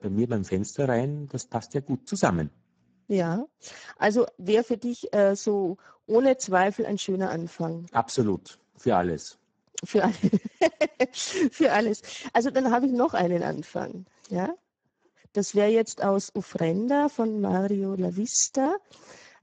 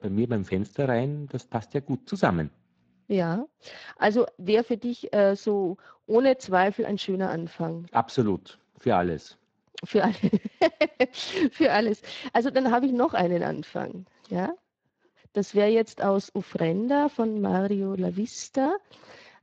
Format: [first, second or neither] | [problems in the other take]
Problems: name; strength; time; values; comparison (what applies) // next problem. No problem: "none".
second | garbled, watery; badly; nothing above 7.5 kHz; slightly in the second